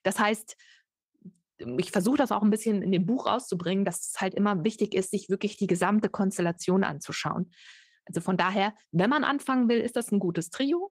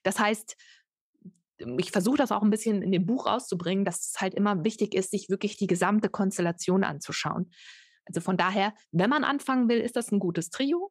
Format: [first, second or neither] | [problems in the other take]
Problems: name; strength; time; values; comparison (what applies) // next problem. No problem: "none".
second | garbled, watery; slightly; nothing above 15.5 kHz